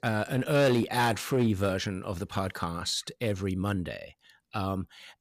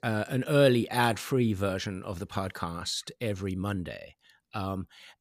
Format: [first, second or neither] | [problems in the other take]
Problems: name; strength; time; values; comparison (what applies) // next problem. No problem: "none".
second | distortion; slight; 5% of the sound clipped